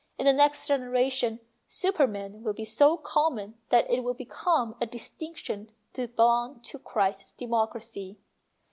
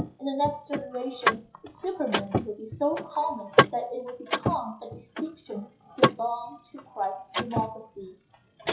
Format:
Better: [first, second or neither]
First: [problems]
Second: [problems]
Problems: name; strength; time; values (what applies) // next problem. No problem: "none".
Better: first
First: none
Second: noise reduction (classical method WPE with log-MMSE)